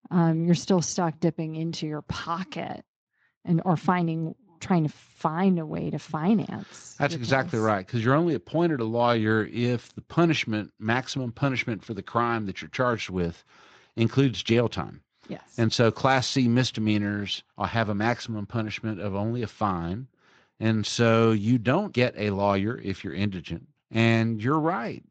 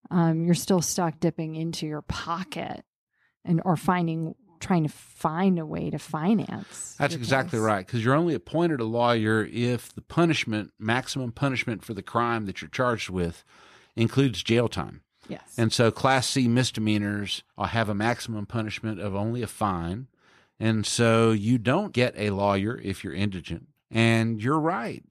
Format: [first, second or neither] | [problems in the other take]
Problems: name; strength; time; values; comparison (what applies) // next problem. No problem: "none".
second | garbled, watery; slightly; nothing above 7.5 kHz